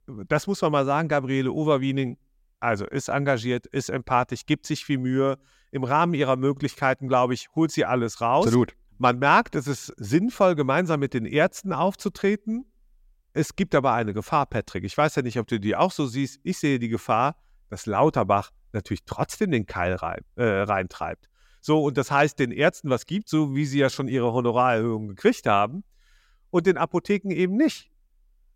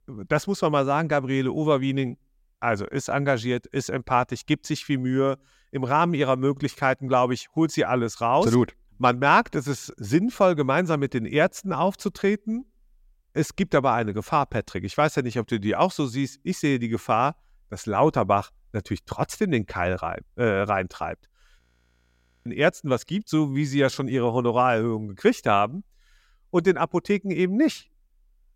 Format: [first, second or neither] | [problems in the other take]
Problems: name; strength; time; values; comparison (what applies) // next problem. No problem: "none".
first | audio freezing; at 22 s for 1 s